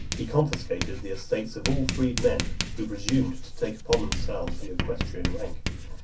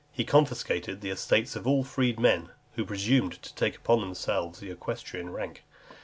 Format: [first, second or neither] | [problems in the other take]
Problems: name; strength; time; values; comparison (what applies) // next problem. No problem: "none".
second | background sound (Writing); 1 dB below the speech // room echo; dies away in 0.3 s